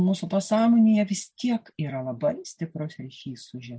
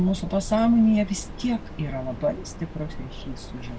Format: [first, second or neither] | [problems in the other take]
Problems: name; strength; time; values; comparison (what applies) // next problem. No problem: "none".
first | background sound (Train); 11 dB below the speech